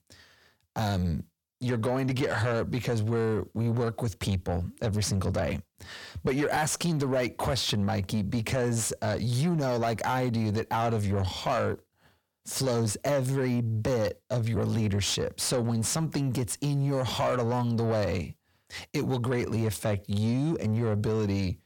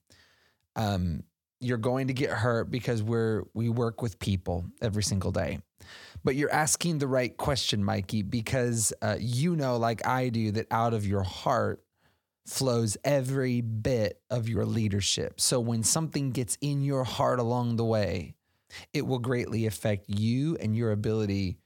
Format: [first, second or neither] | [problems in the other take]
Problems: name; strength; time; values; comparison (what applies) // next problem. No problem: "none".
second | distortion; slight; 10 dB below the speech